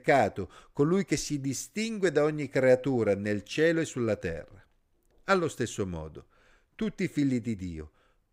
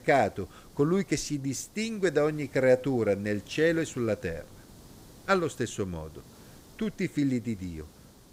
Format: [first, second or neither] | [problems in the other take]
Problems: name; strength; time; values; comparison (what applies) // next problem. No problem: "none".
first | hiss; faint; throughout; 25 dB below the speech